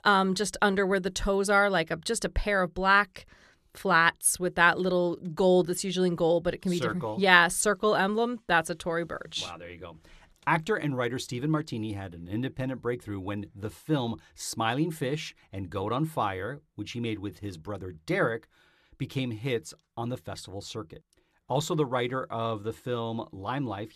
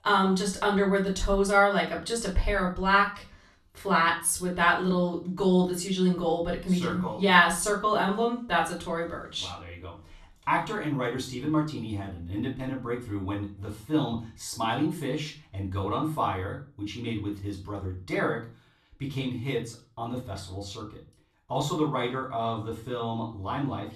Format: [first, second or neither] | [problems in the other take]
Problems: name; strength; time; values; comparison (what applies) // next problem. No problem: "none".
first | off-mic speech; far // room echo; slight; dies away in 0.3 s